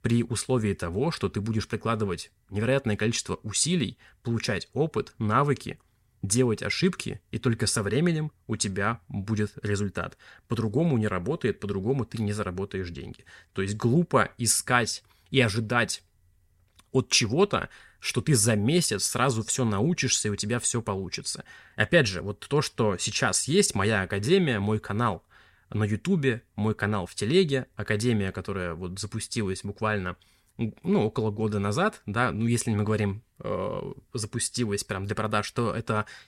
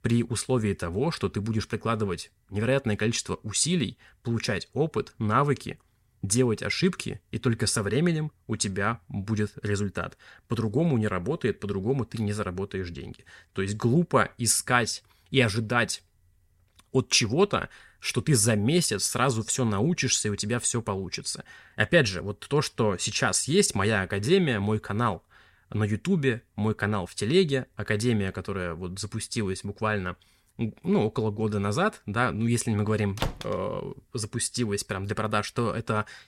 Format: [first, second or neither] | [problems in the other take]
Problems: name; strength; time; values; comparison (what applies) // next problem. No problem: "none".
first | door banging; noticeable; at 33 s; peak 6 dB below the speech